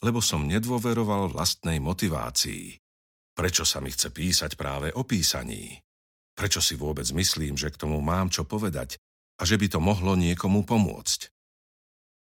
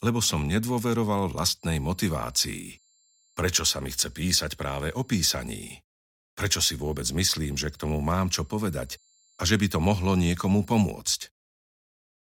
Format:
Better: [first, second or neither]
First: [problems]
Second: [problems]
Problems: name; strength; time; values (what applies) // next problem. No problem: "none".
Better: first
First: none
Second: high-pitched whine; faint; from 1.5 to 5.5 s and from 7 to 11 s; 7.5 kHz, 35 dB below the speech